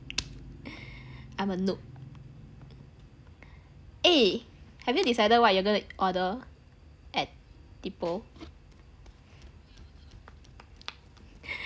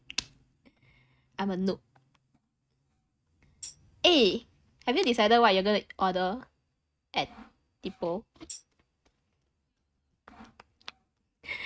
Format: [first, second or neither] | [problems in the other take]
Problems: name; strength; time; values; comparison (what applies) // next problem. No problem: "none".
first | noise reduction (neural mask model RNNoise)